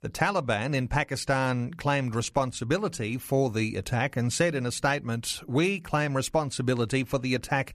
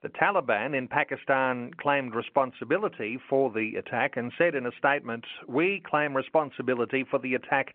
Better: first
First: none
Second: phone-call audio

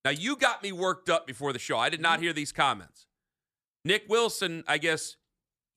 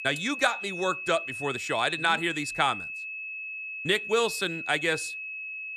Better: first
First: none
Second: high-pitched whine; loud; throughout; 2.5 kHz, 7 dB below the speech

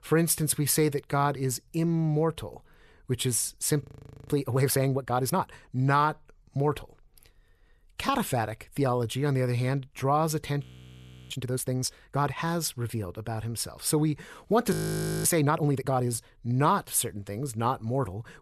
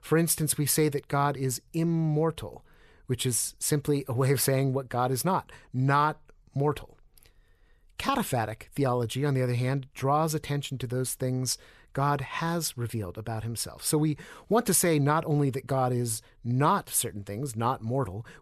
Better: second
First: audio freezing; at 4 s, at 11 s for 0.5 s and at 15 s for 0.5 s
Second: none

